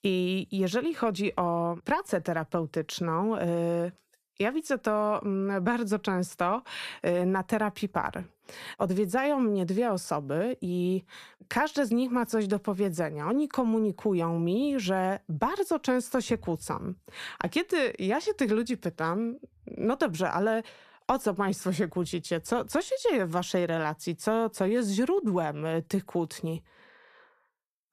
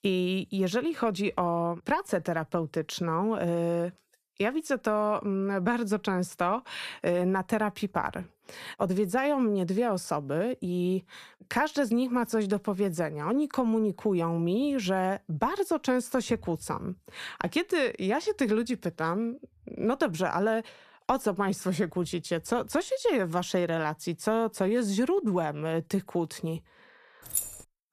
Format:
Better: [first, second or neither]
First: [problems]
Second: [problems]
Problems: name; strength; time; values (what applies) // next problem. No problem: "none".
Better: first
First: none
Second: jangling keys; noticeable; at 27 s; peak 2 dB below the speech